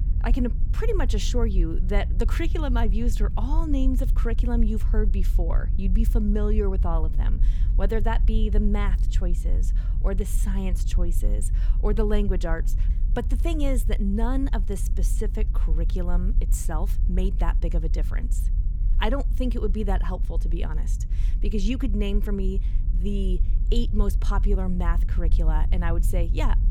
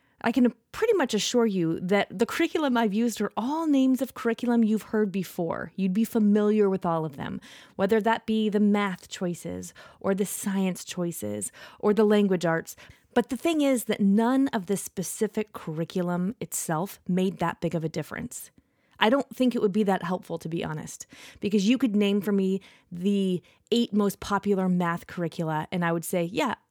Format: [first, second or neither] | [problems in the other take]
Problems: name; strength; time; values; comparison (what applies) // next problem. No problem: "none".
second | low rumble; noticeable; throughout; 15 dB below the speech